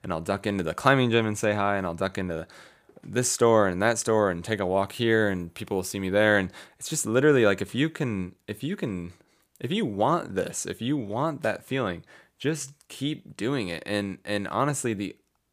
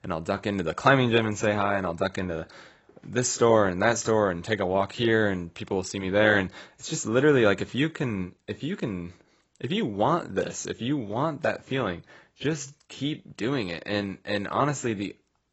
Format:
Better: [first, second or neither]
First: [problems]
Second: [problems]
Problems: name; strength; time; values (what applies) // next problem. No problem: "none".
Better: first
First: none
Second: garbled, watery; badly; nothing above 8 kHz